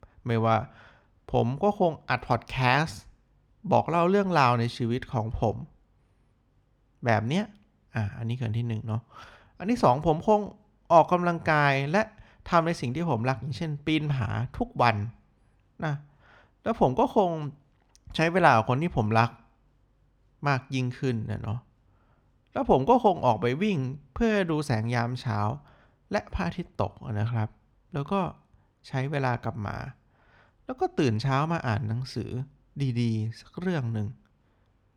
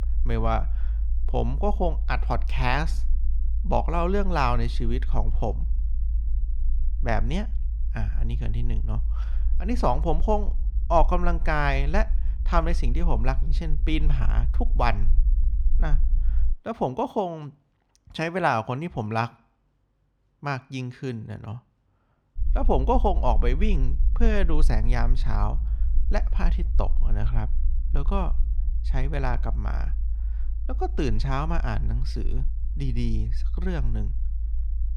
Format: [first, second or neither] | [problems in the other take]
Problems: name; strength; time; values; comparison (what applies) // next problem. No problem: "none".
first | low rumble; faint; until 17 s and from 22 s on; 20 dB below the speech